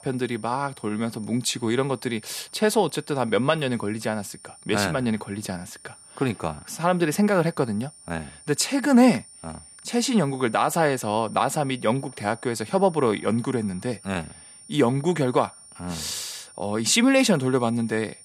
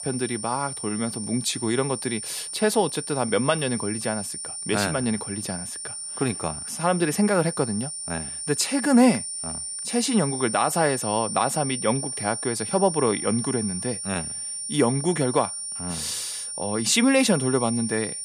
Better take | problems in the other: first | high-pitched whine; loud; throughout; 9 kHz, 5 dB below the speech; faint in the first

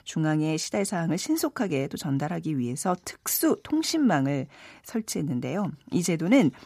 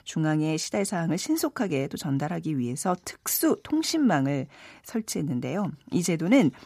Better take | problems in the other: neither | none

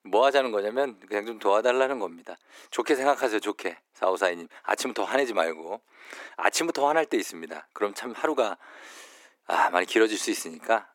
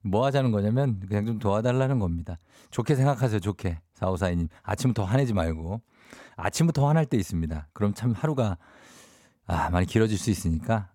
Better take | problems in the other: second | thin; very; fading below 300 Hz

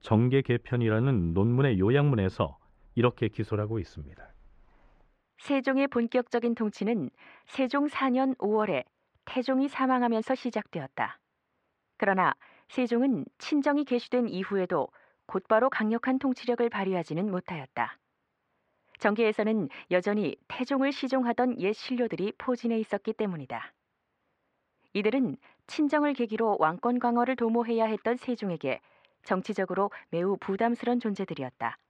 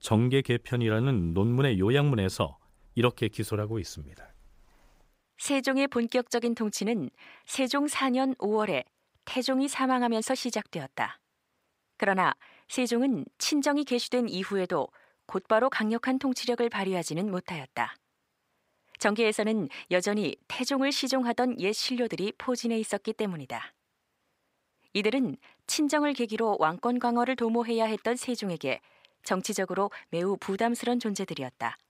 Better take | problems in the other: second | muffled; slightly; fading above 2.5 kHz

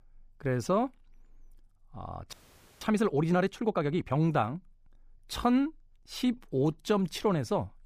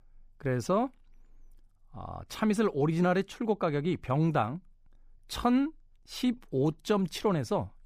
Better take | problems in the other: second | audio freezing; at 2.5 s

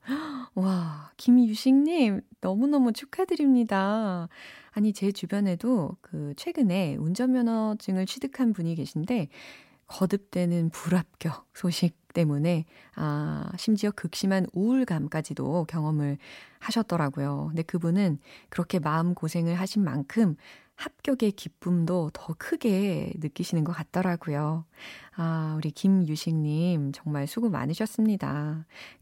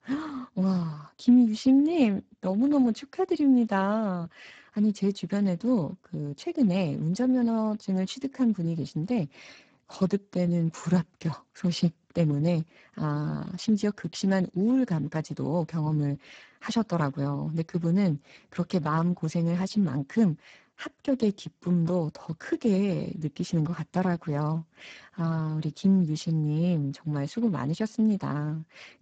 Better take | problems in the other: first | garbled, watery; badly; nothing above 7.5 kHz

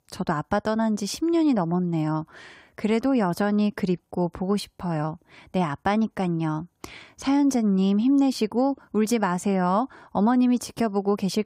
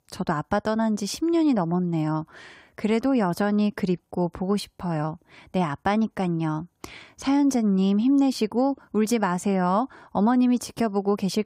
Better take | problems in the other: neither | none

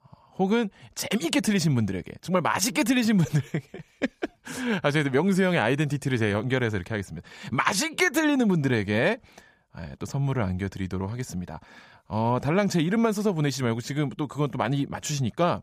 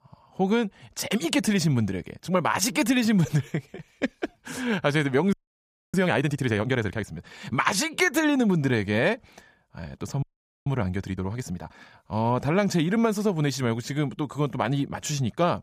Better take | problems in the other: first | audio freezing; at 5.5 s for 0.5 s and at 10 s

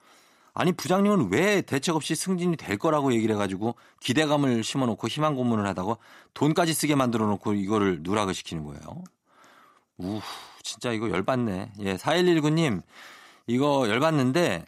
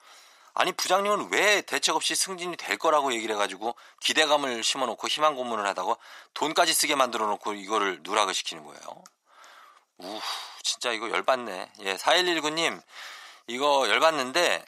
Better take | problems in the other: first | thin; very; fading below 700 Hz

